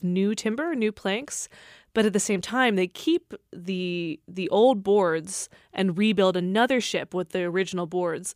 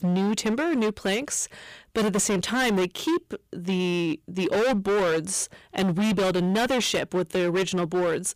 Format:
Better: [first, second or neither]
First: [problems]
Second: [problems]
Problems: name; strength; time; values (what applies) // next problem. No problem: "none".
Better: first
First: none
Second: distortion; heavy; 23% of the sound clipped